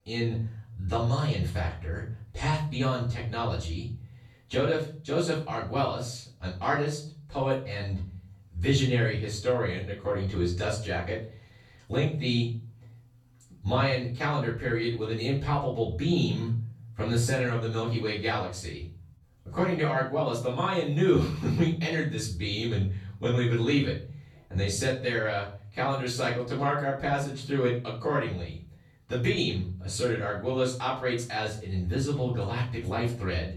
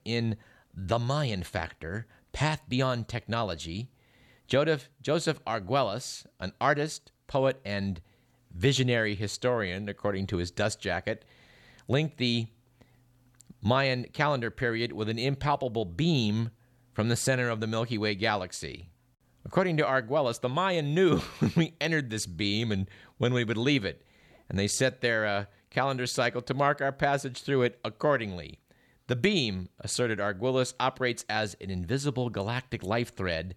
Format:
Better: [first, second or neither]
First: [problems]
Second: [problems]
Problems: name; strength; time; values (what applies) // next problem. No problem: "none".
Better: second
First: room echo; noticeable; dies away in 0.5 s // off-mic speech; far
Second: none